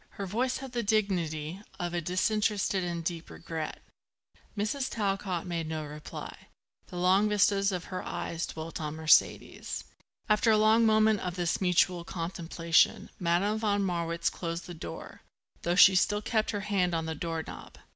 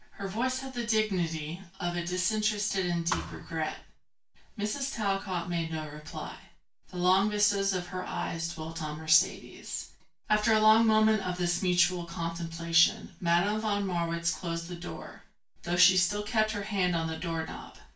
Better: first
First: none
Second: background sound (Thump, thud); 9 dB below the speech // room echo; dies away in 0.2 s

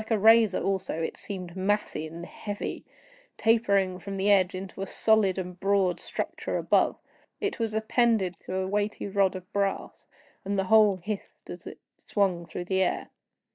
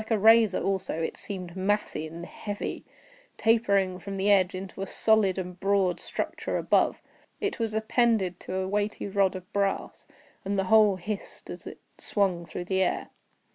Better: second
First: noise reduction (neural mask model DeepFilterNet 3)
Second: none

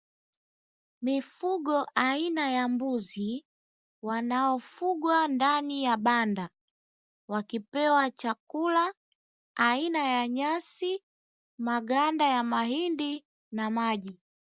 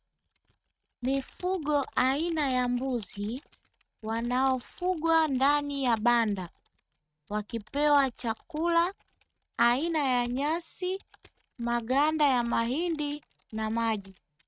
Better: first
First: none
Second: noise reduction (neural mask model RNNoise)

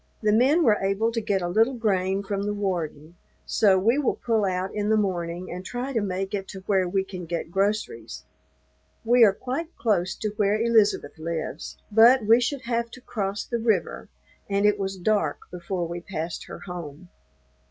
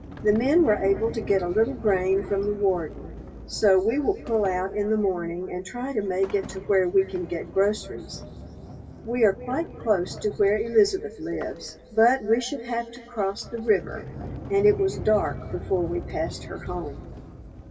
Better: first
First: none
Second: background sound (Sliding door); 14 dB below the speech // room echo; dies away in 2.5 s

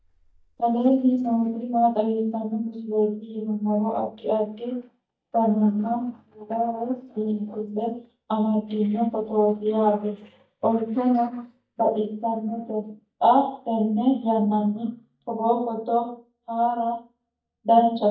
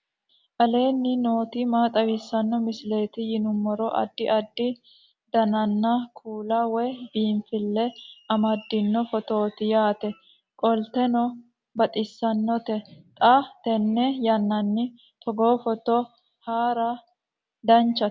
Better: second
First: noise reduction (neural mask model DeepFilterNet 3)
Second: none

